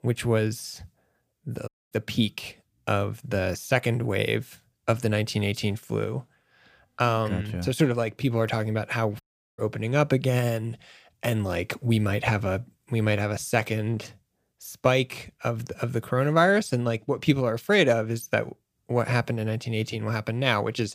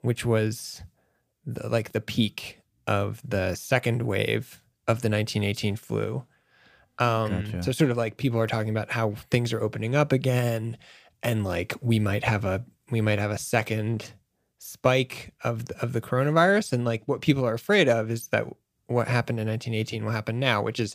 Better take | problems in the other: second | audio cutting out; at 1.5 s and at 9 s

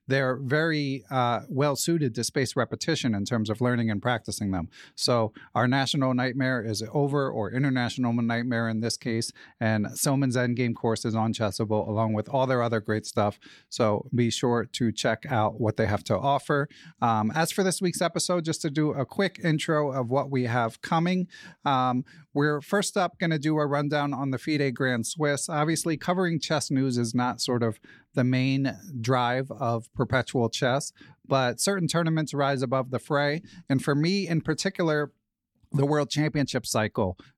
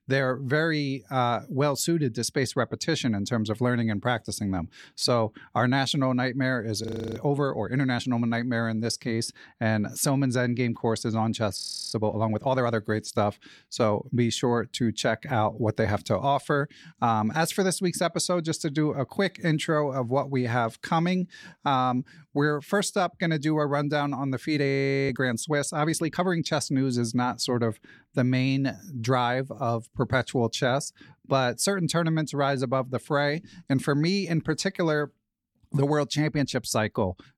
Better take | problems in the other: first | audio freezing; at 7 s, at 12 s and at 25 s

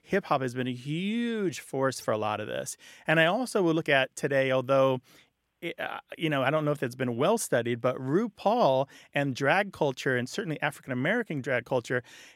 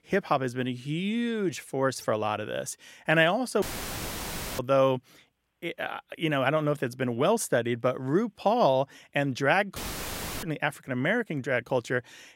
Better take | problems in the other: first | audio cutting out; filled with static; at 3.5 s for 1 s and at 10 s for 0.5 s

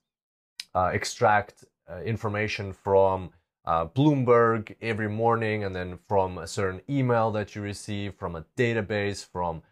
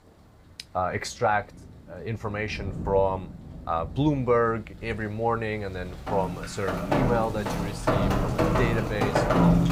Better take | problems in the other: first | rain or running water; very loud; throughout; 1 dB above the speech

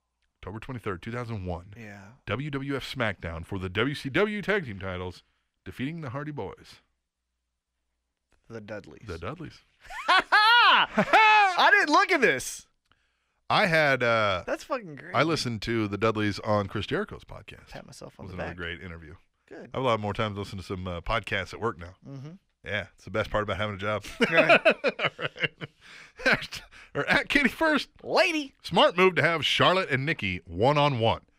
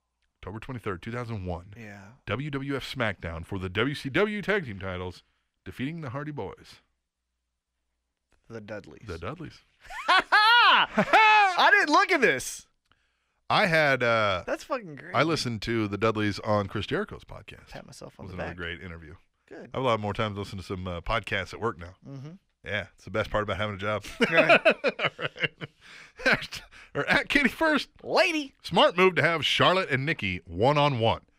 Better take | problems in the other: neither | none

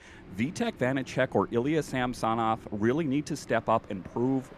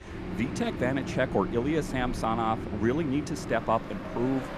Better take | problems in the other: first | train or aircraft noise; loud; throughout; 7 dB below the speech; faint in the first

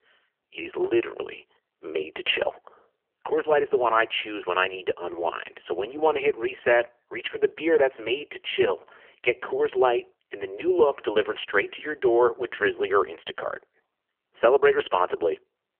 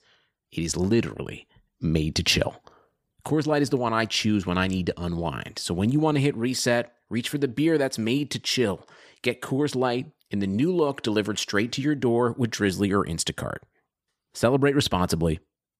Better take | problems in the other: second | phone-call audio; poor line; nothing above 3 kHz

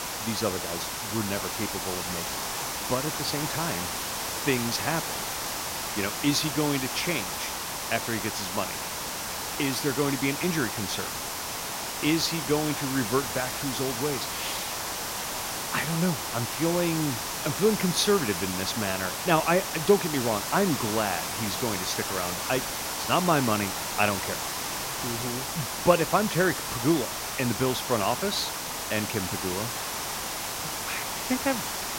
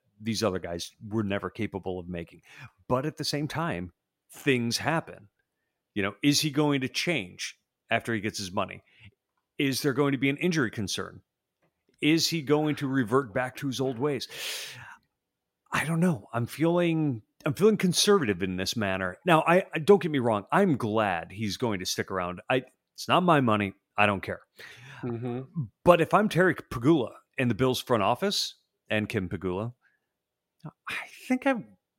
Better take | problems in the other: second | hiss; loud; throughout; 2 dB below the speech

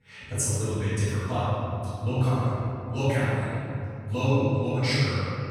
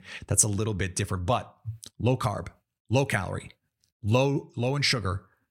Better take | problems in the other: second | off-mic speech; far // room echo; strong; dies away in 2.9 s

